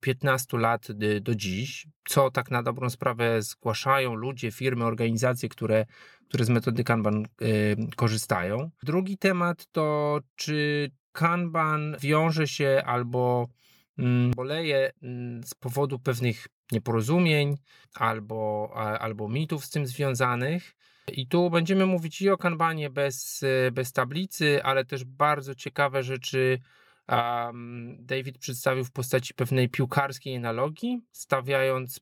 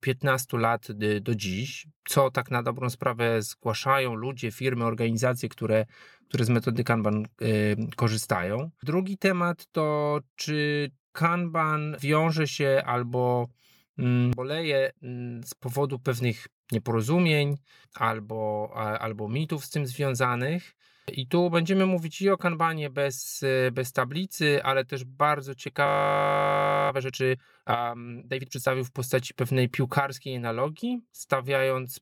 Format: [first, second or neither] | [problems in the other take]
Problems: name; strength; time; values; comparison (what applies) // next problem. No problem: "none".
first | audio freezing; at 26 s for 1 s